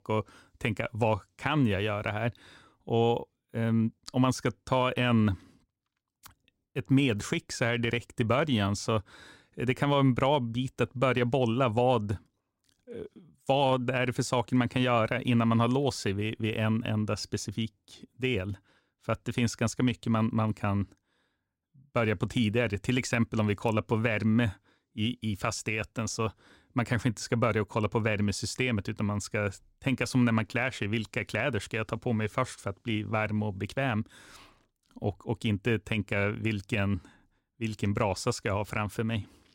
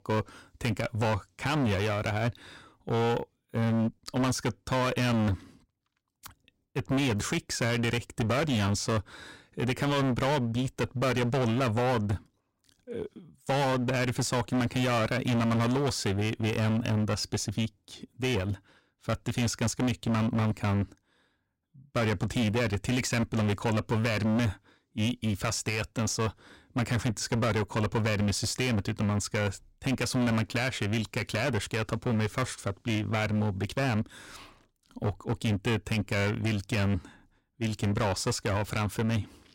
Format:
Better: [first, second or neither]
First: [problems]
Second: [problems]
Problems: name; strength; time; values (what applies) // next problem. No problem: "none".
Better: first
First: none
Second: distortion; heavy; 20% of the sound clipped